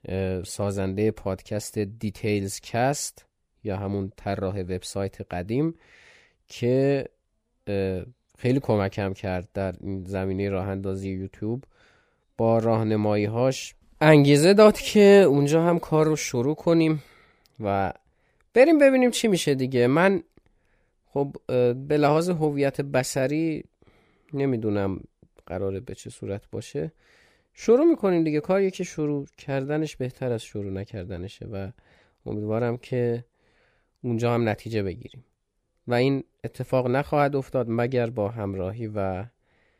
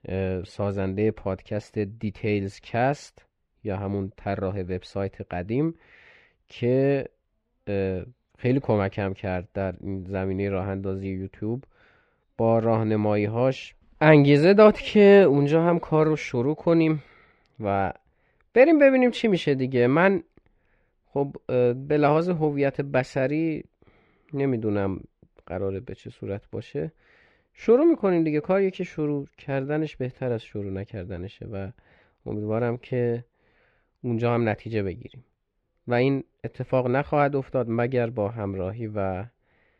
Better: first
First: none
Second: muffled; slightly; fading above 2.5 kHz

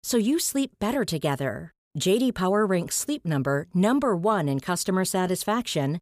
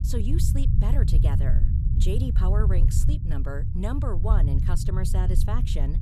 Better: first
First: none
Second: low rumble; loud; throughout; 3 dB below the speech

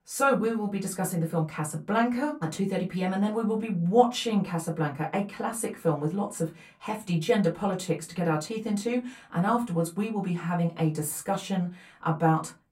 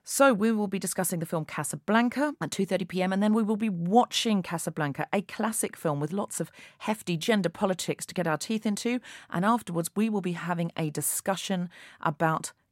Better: second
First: off-mic speech; far // room echo; very slight; dies away in 0.2 s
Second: none

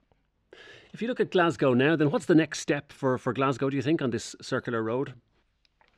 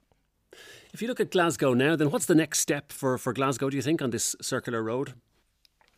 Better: second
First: muffled; slightly; fading above 3.5 kHz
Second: none

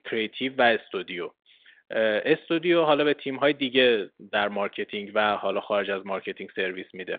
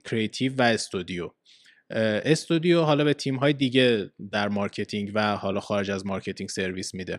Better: second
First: phone-call audio; nothing above 3.5 kHz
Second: none

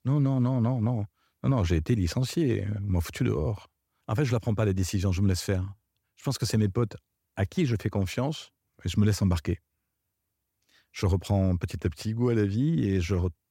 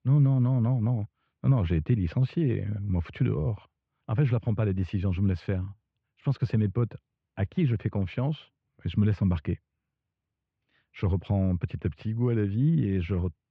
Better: first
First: none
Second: muffled; very; fading above 3 kHz

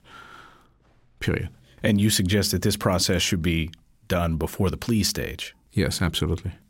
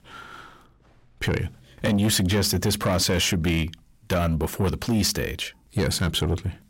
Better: first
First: none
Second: distortion; slight; 10 dB below the speech

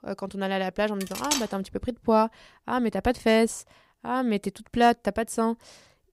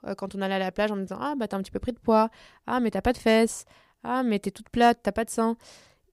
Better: second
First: clattering dishes; noticeable; at 1 s; peak 2 dB below the speech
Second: none

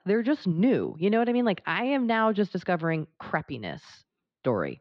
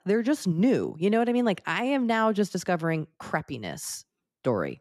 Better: second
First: muffled; slightly; fading above 4 kHz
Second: none

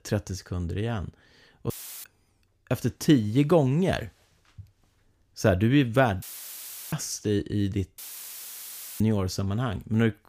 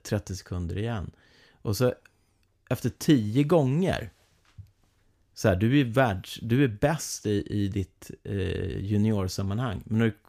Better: second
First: audio cutting out; filled with static; at 1.5 s, at 6 s for 0.5 s and at 8 s for 1 s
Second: none

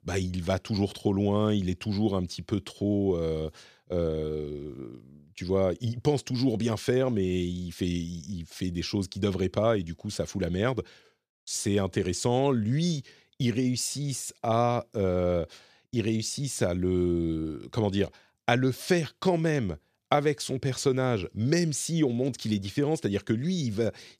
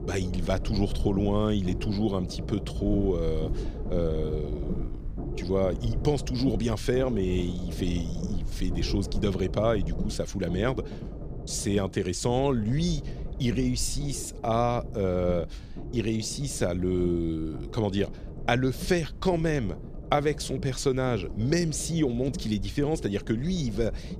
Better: first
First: none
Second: low rumble; noticeable; throughout; 15 dB below the speech

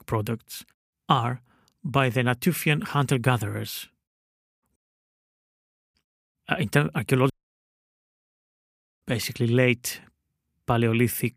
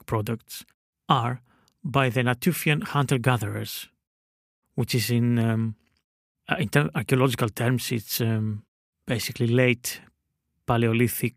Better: second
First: audio cutting out; at 5 s for 1 s and at 7.5 s for 1.5 s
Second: none

